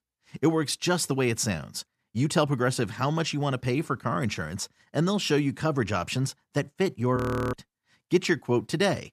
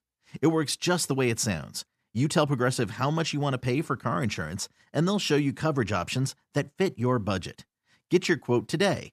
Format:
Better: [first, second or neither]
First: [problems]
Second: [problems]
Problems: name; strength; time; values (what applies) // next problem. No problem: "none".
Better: second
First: audio freezing; at 7 s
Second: none